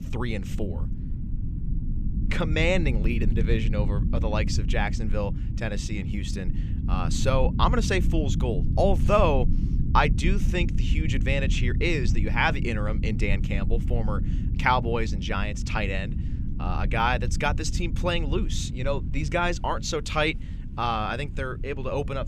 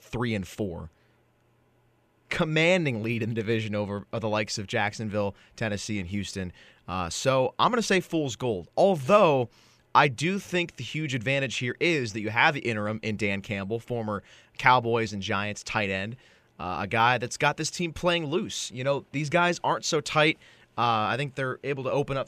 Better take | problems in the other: second | low rumble; noticeable; throughout; 15 dB below the speech

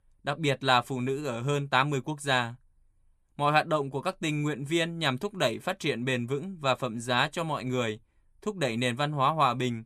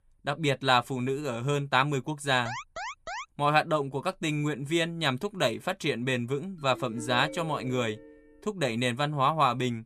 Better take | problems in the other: first | alarm; noticeable; at 2.5 s; peak 8 dB below the speech // phone ringing; faint; from 6.5 to 8 s; peak 10 dB below the speech

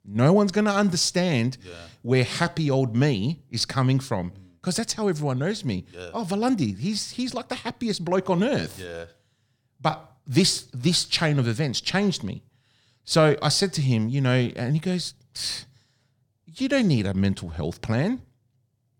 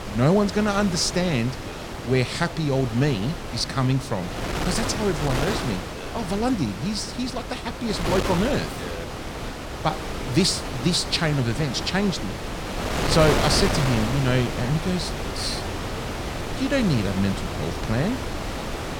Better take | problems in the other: first | wind noise on the microphone; heavy; 3 dB below the speech

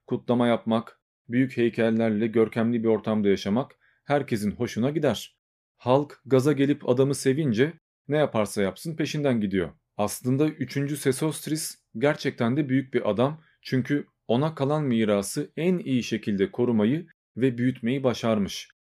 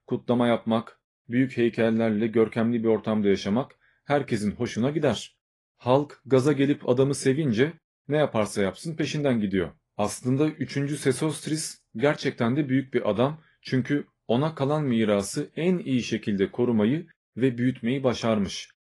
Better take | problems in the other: first | garbled, watery; slightly; nothing above 10.5 kHz

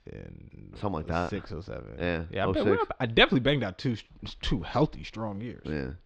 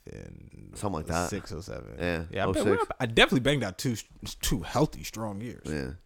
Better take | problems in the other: second | muffled; slightly; fading above 4 kHz

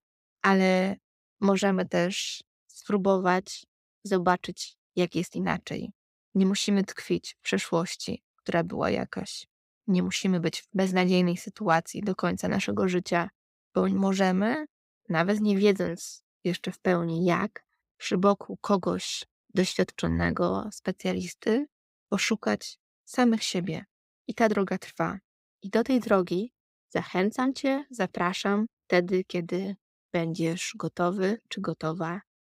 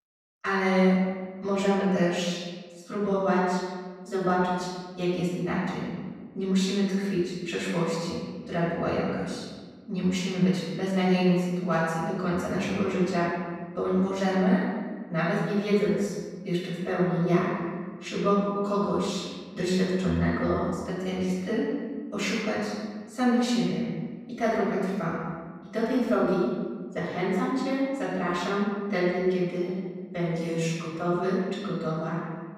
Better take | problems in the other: first | off-mic speech; far // room echo; strong; dies away in 1.4 s

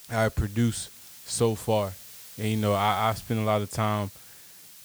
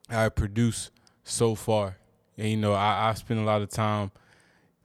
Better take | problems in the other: second | hiss; noticeable; throughout; 15 dB below the speech

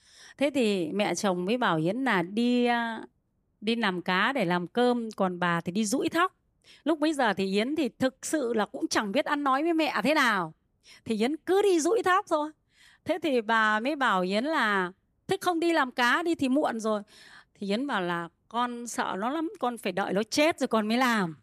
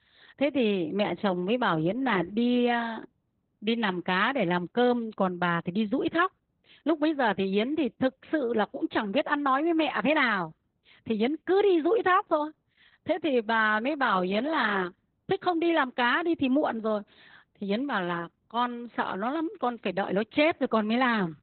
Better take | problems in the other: first | garbled, watery; badly; nothing above 4 kHz

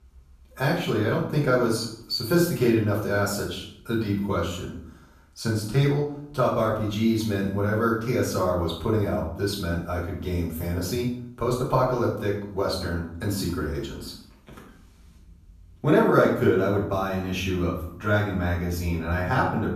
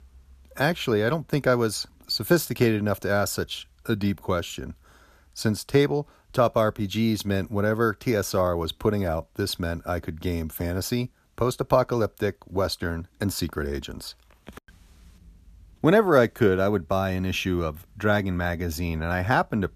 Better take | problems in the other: second | off-mic speech; far // room echo; noticeable; dies away in 0.6 s

